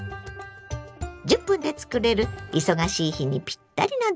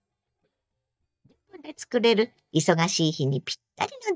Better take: first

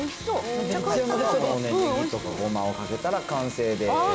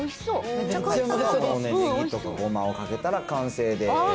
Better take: second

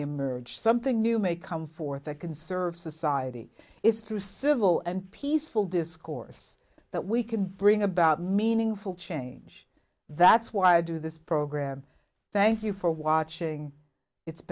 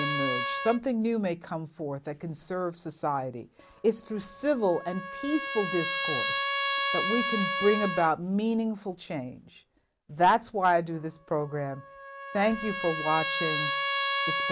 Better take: first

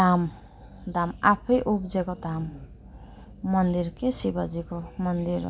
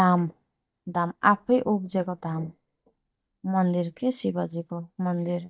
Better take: first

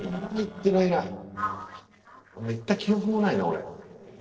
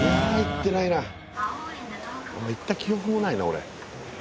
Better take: second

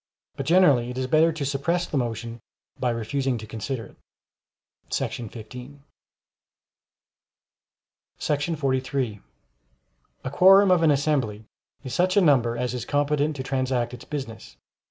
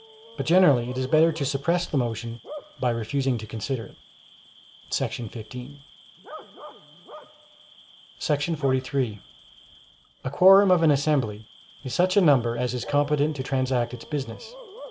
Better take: first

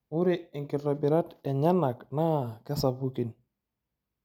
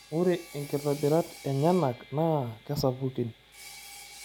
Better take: first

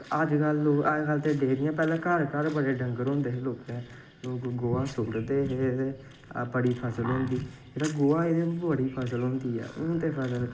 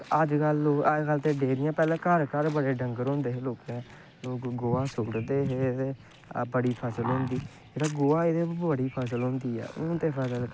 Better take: second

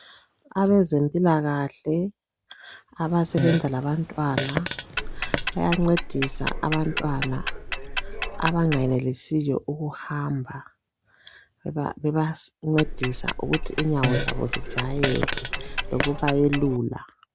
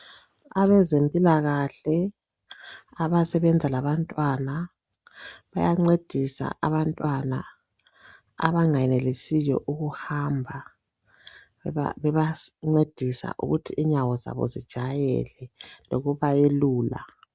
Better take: second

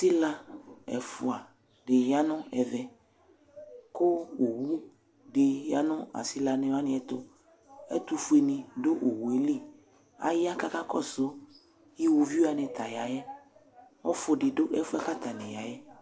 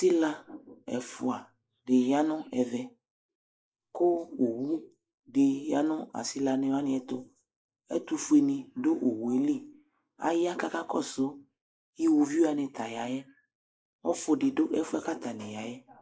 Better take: first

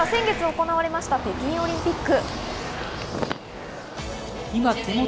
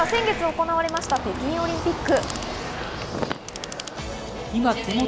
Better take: first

